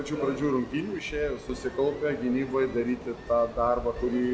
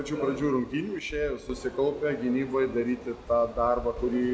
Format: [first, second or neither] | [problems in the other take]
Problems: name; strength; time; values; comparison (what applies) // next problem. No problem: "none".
second | background sound (Ocean); 19 dB below the speech